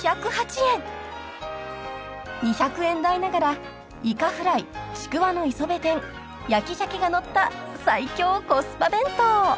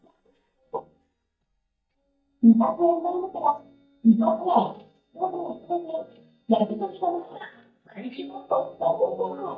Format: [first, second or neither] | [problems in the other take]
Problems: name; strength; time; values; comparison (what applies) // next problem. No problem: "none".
first | noise reduction (neural mask model DeepFilterNet 3)